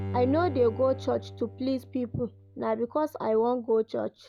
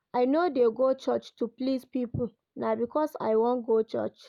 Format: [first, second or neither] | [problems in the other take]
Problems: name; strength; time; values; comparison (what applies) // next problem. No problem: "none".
second | background sound (Bowed string instrument); 12 dB below the speech